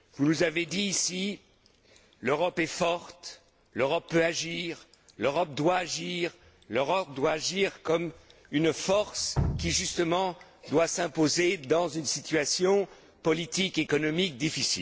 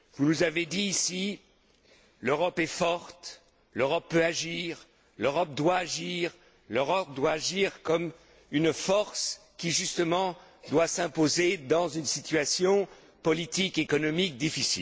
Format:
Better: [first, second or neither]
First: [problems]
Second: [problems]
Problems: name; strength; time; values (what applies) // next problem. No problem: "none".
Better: second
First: background sound (Drip); 15 dB below the speech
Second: none